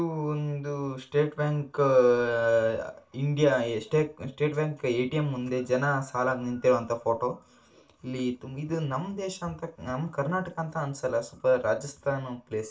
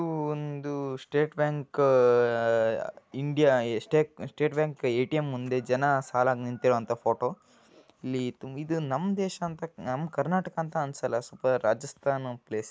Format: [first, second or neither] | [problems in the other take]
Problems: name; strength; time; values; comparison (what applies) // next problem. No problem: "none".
second | room echo; dies away in 0.3 s